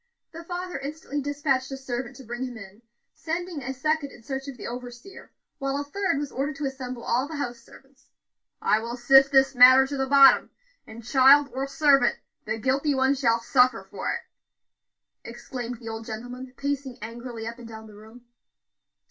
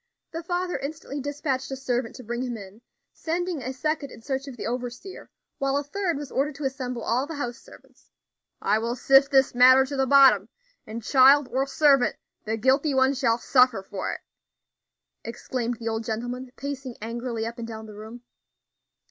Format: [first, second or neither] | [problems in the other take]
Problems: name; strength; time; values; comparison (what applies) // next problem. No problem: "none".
second | room echo; dies away in 0.2 s